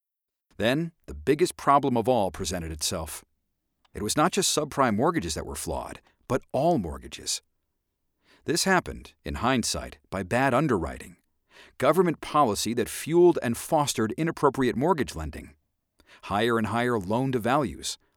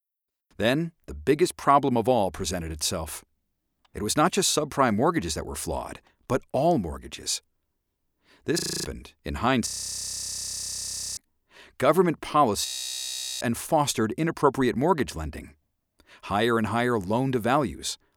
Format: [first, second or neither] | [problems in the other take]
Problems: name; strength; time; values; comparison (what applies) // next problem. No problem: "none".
first | audio freezing; at 8.5 s, at 9.5 s for 1.5 s and at 13 s for 1 s